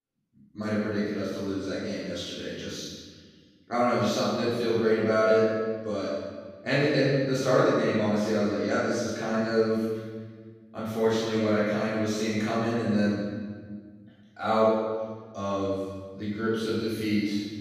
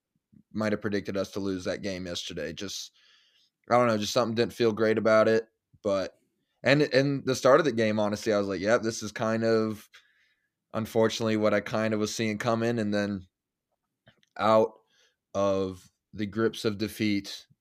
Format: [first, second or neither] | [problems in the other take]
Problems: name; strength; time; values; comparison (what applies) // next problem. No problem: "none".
second | off-mic speech; far // room echo; strong; dies away in 1.4 s